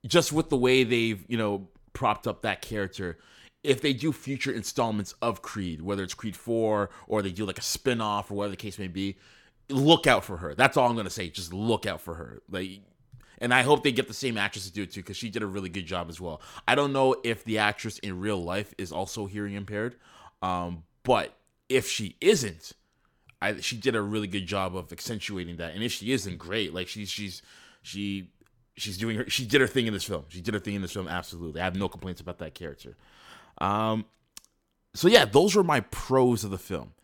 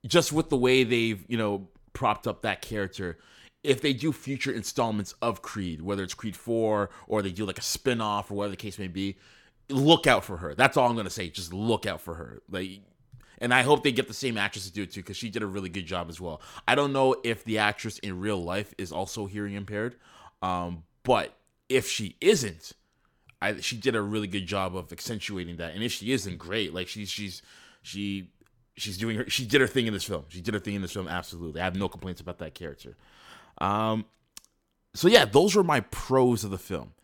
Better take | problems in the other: neither | none

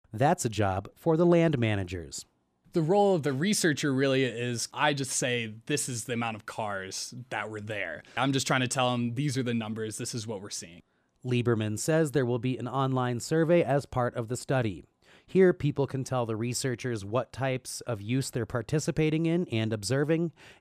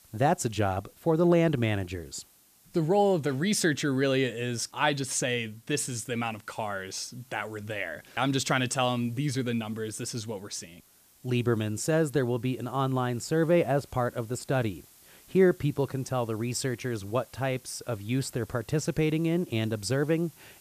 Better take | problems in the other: first | hiss; faint; throughout; 25 dB below the speech

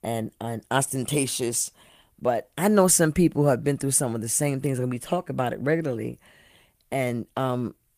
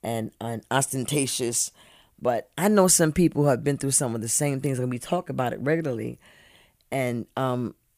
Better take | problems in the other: second | garbled, watery; slightly; nothing above 15 kHz

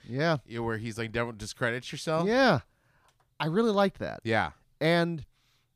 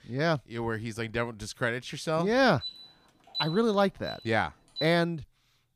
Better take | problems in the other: first | alarm; noticeable; from 2.5 to 5 s; peak 5 dB below the speech

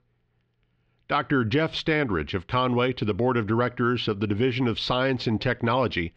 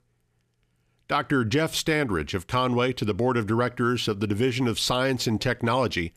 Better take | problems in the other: second | muffled; very slightly; fading above 4 kHz

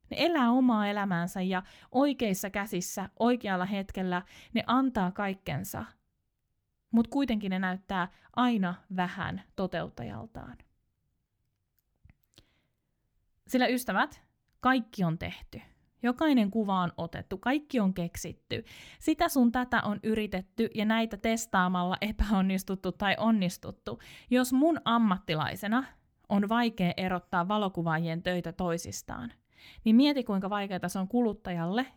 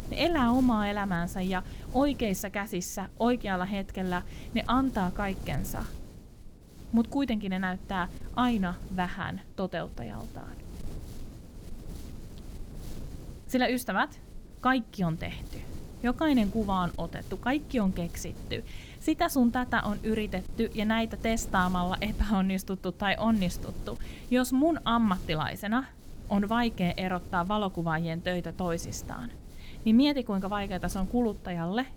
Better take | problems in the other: first | wind noise on the microphone; occasional gusts; 20 dB below the speech

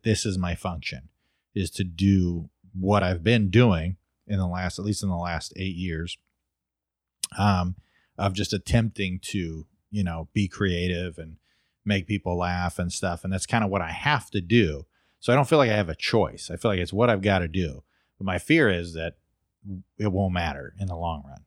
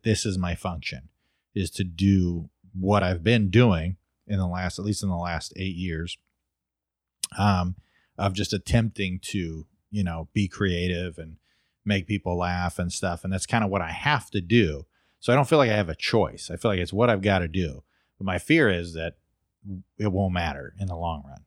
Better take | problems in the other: neither | none

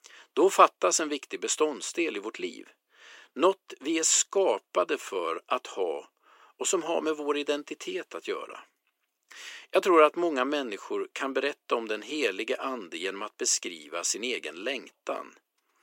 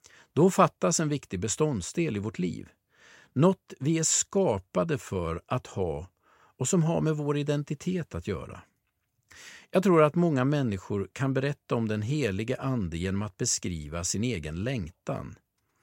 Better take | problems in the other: second | thin; very; fading below 300 Hz

